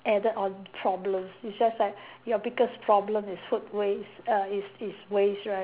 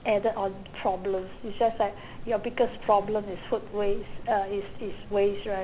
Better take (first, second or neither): first